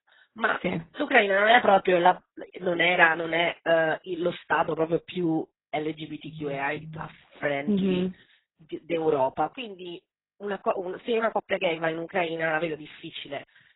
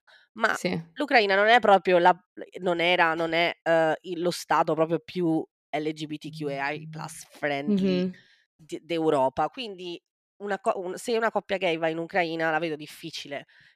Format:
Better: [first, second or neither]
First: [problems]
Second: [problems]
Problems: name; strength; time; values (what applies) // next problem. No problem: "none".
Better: second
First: garbled, watery; badly; nothing above 3.5 kHz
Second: none